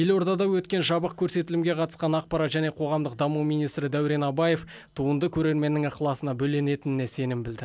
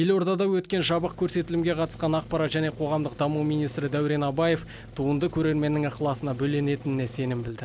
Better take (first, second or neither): first